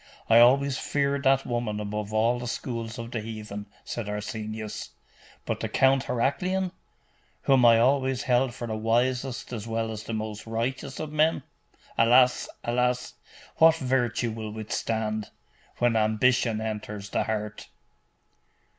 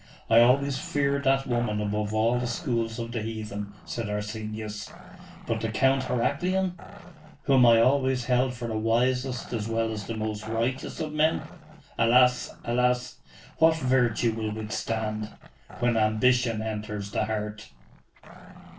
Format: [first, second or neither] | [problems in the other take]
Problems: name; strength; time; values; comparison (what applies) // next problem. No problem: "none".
first | background sound (Growling); 18 dB below the speech // room echo; dies away in 0.2 s